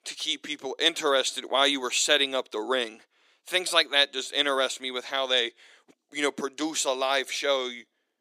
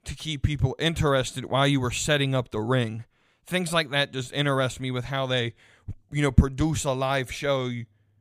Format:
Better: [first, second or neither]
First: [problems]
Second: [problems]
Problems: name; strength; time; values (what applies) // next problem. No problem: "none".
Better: second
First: thin; somewhat; fading below 300 Hz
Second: none